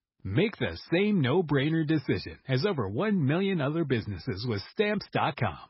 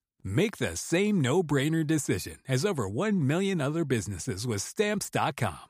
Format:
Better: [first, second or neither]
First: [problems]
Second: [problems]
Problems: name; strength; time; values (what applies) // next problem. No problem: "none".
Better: second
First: garbled, watery; badly; nothing above 5.5 kHz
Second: none